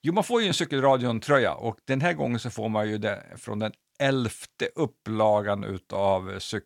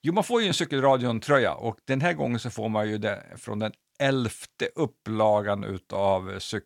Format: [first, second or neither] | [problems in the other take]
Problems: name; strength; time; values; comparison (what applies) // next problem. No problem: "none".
neither | none